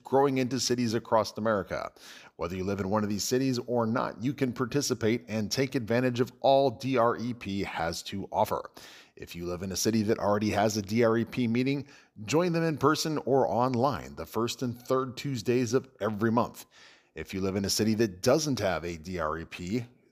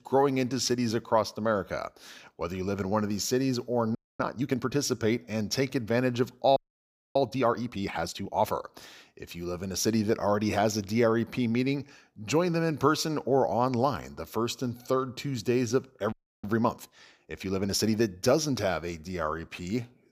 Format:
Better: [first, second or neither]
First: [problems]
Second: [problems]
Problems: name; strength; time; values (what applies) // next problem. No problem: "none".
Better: first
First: none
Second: audio freezing; at 4 s, at 6.5 s for 0.5 s and at 16 s